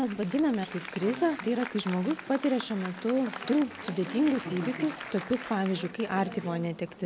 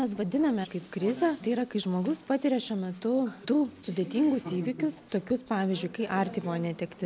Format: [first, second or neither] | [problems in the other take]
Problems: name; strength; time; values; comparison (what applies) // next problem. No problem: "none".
second | background sound (Applause); 14 dB below the speech